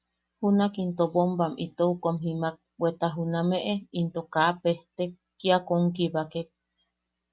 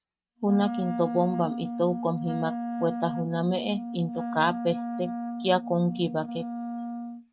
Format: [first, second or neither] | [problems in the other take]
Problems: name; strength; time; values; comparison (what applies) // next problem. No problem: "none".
first | noise reduction (neural mask model RNNoise)